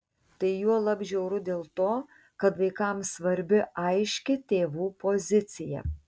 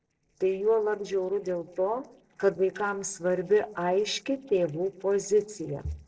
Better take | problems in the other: first | noise reduction (neural separator model SepFormer DNS4)

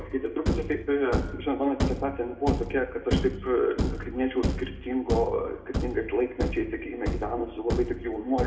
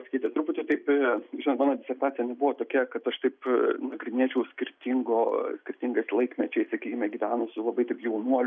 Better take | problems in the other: second | background sound (Thump, thud); 3 dB below the speech // room echo; dies away in 1.3 s

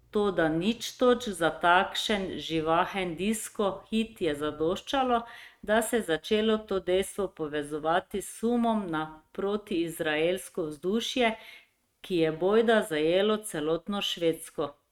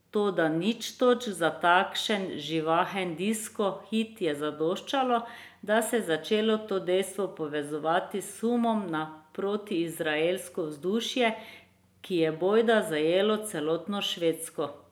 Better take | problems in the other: second | noise reduction (neural mask model RNNoise)

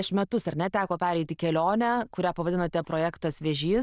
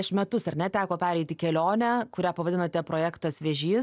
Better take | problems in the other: second | noise reduction (neural diffusion model UNIVERSE++)

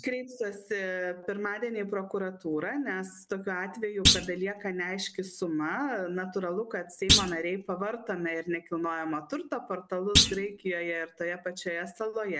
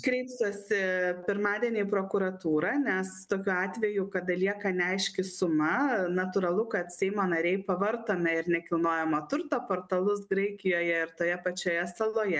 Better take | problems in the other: second | background sound (Thump, thud); 4 dB above the speech

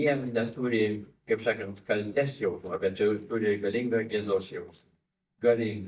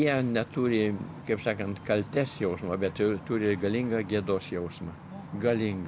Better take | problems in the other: second | noise reduction (neural mask model DeepFilterNet 3)

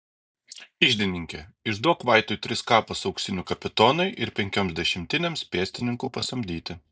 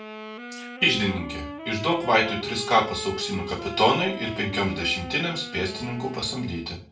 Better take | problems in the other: first | background sound (Wind instrument, woodwind instrument); 11 dB below the speech // room echo; dies away in 0.3 s

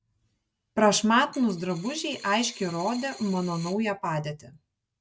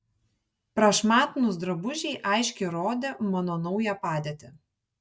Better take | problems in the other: second | background sound (Coin (dropping)); 18 dB below the speech

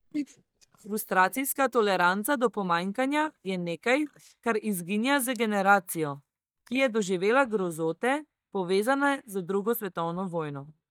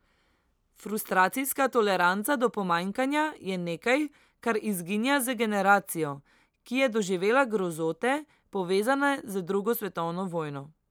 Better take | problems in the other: second | noise reduction (neural mask model DeepFilterNet 3)

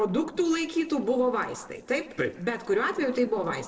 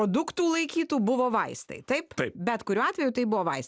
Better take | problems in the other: second | noise reduction (neural separator model SepFormer DNS4)

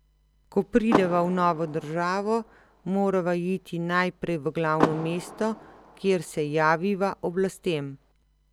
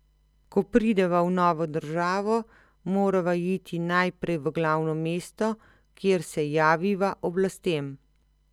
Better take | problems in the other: second | background sound (Car); 8 dB below the speech

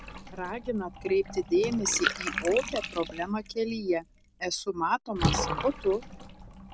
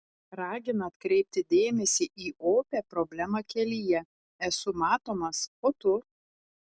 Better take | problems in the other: second | background sound (Bathtub (filling or washing) / Water); 5 dB below the speech

